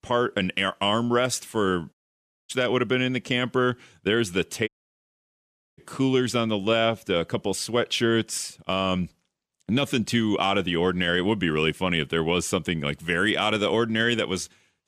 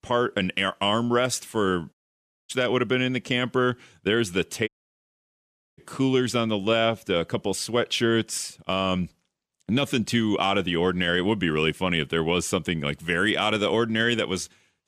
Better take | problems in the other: neither | audio cutting out; at 2 s for 0.5 s and at 4.5 s for 1 s; the same in both

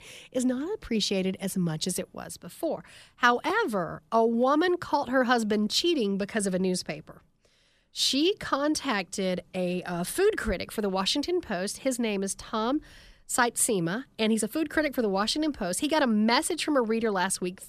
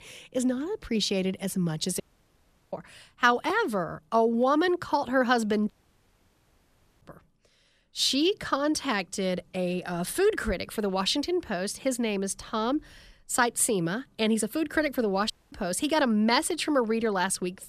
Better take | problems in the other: first | audio cutting out; at 2 s for 0.5 s, at 5.5 s for 1.5 s and at 15 s

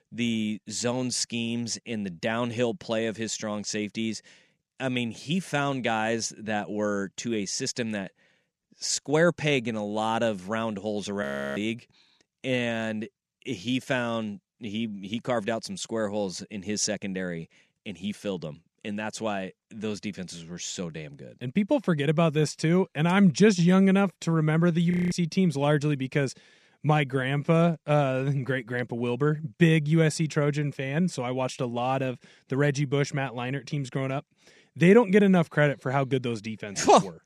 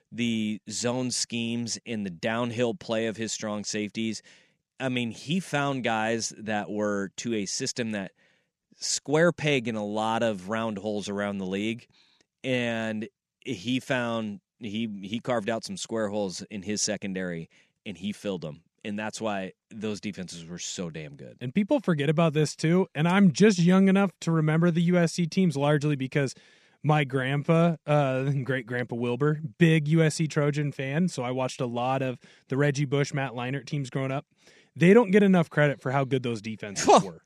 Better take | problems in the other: second | audio freezing; at 11 s and at 25 s

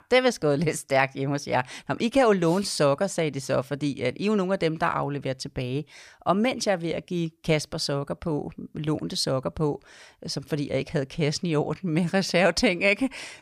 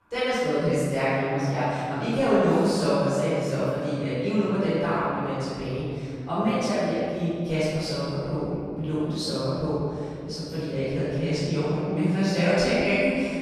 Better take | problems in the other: first | off-mic speech; far // room echo; strong; dies away in 2.4 s

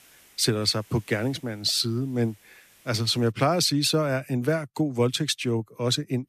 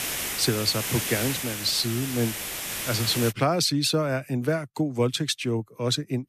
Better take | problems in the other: first | hiss; loud; until 3.5 s; 4 dB below the speech; faint in the first

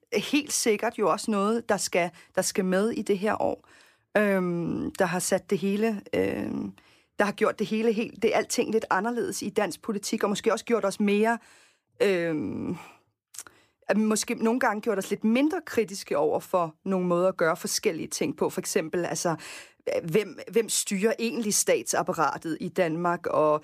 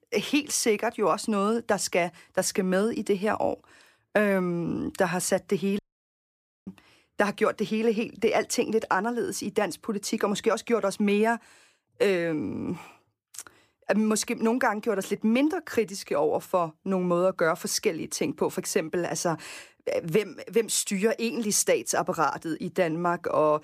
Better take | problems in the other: first | audio cutting out; at 6 s for 1 s

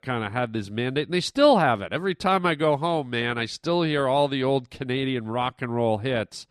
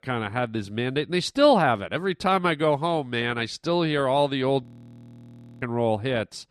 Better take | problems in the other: first | audio freezing; at 4.5 s for 1 s

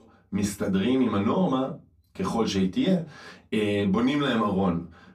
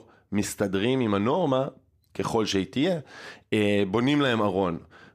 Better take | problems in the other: second | off-mic speech; far // room echo; very slight; dies away in 0.2 s

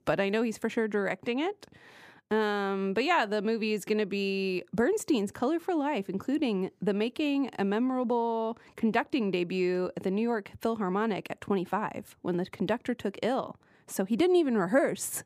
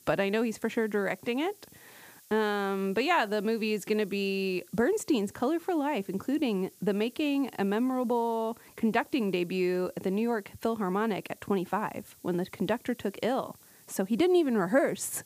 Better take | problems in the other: first | hiss; faint; throughout; 25 dB below the speech

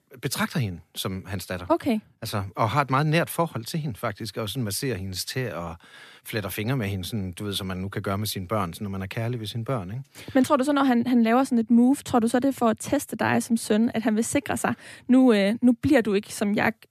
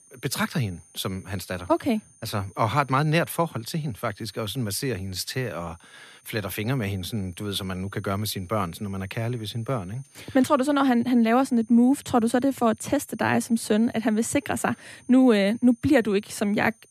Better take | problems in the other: first | high-pitched whine; faint; throughout; 9 kHz, 30 dB below the speech

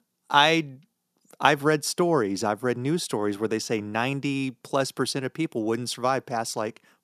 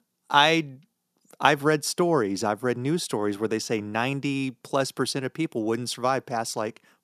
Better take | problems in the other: neither | none

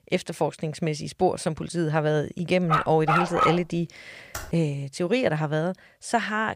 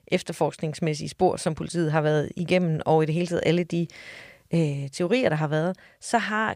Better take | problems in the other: second | dog barking; loud; at 2.5 s; peak 4 dB above the speech // keyboard typing; faint; at 4.5 s; peak 10 dB below the speech

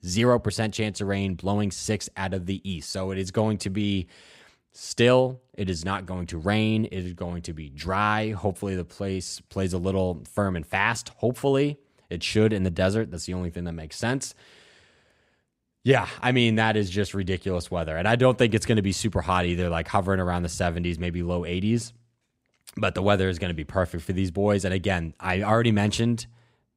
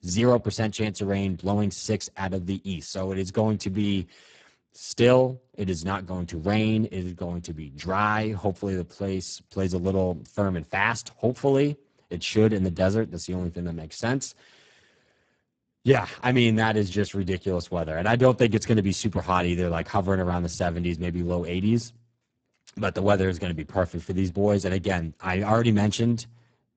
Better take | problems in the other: first | garbled, watery; badly; nothing above 8 kHz

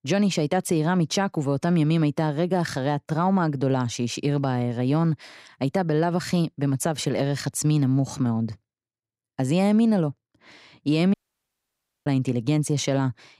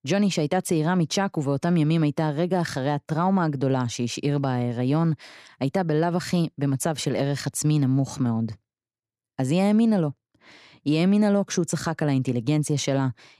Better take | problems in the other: second | audio cutting out; at 11 s for 1 s

